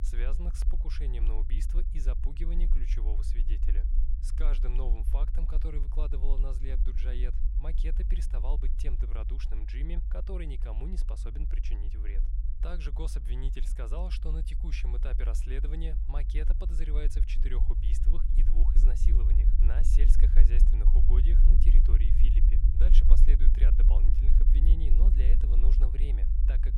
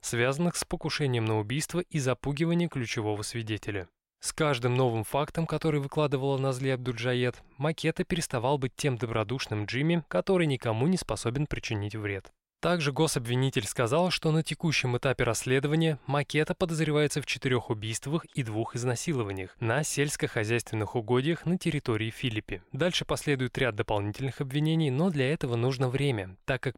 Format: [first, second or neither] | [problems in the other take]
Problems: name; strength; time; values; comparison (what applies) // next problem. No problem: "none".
second | low rumble; loud; throughout; 4 dB below the speech